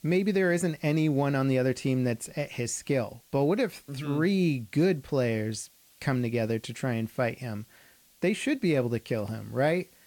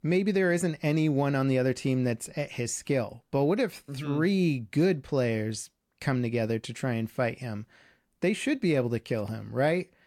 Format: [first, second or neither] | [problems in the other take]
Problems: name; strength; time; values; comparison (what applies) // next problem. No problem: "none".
second | hiss; faint; throughout; 30 dB below the speech